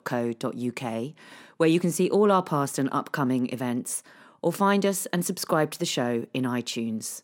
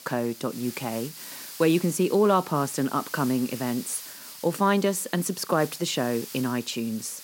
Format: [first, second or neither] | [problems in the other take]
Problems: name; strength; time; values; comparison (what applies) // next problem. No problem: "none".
first | hiss; noticeable; throughout; 15 dB below the speech